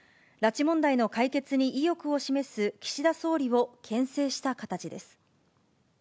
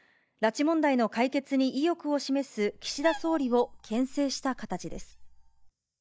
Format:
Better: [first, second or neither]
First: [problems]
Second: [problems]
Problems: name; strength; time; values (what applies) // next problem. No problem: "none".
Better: first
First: none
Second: noise reduction (neural mask model DeepFilterNet 3)